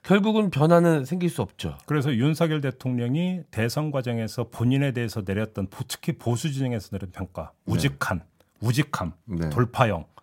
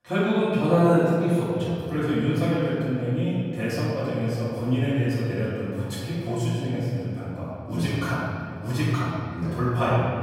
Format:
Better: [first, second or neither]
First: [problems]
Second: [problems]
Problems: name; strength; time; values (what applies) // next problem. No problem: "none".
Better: first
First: none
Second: off-mic speech; far // room echo; strong; dies away in 2.4 s